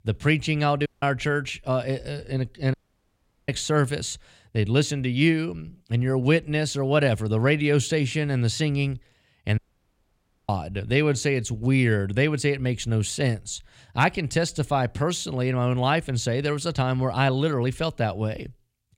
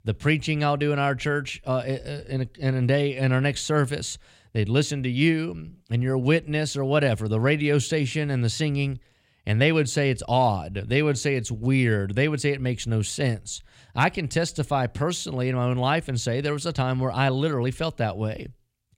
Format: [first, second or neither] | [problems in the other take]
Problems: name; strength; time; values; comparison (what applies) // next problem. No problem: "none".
second | audio cutting out; at 1 s, at 2.5 s for 0.5 s and at 9.5 s for 1 s